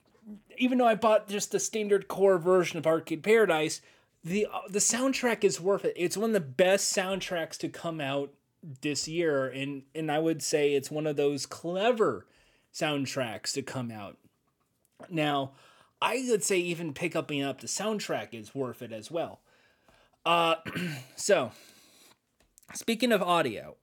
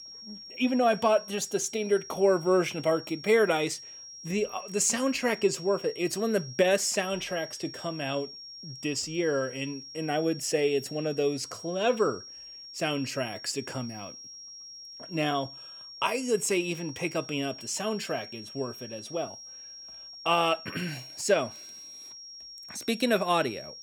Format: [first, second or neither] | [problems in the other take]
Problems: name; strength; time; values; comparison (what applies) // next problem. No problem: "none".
first | high-pitched whine; noticeable; throughout; 5.5 kHz, 15 dB below the speech